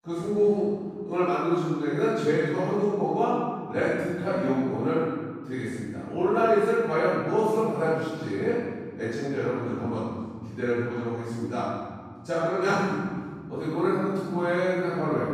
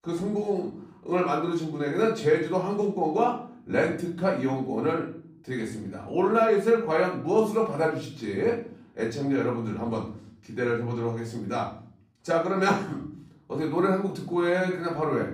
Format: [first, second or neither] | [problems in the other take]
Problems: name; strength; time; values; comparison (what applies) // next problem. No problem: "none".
second | room echo; strong; dies away in 1.7 s; slight in the second // off-mic speech; far; far in the second